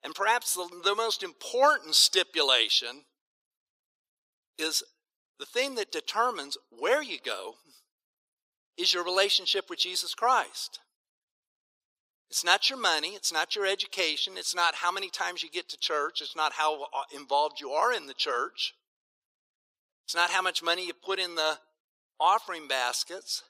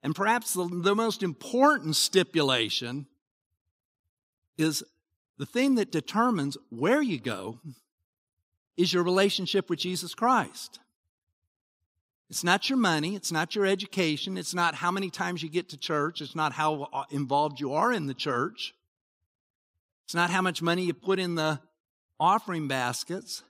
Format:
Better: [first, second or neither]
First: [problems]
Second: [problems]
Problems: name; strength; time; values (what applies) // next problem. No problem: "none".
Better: second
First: thin; very; fading below 500 Hz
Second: none